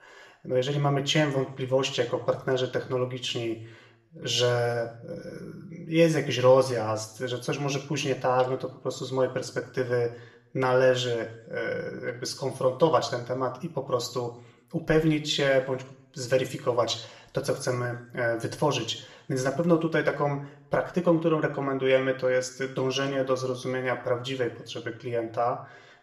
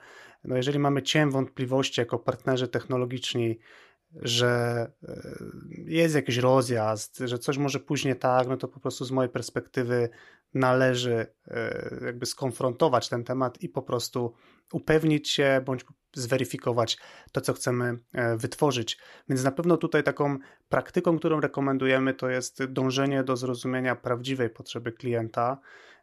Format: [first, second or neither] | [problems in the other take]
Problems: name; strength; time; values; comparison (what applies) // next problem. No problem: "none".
second | room echo; slight; dies away in 0.5 s // off-mic speech; somewhat distant